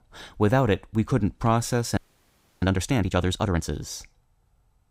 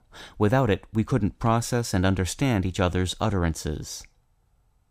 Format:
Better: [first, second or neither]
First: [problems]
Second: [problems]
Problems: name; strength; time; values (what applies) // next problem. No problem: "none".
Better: second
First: audio freezing; at 2 s for 0.5 s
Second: none